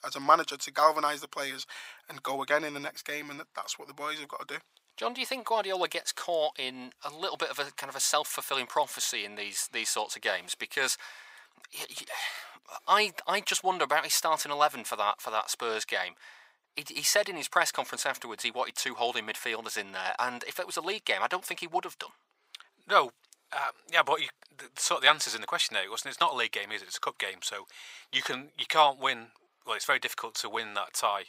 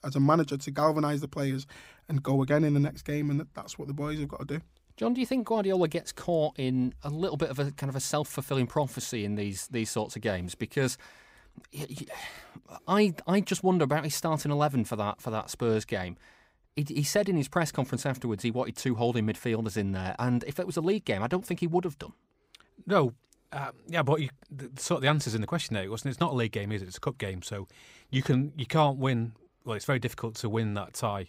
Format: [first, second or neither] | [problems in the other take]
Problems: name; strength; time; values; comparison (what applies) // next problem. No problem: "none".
second | thin; very; fading below 950 Hz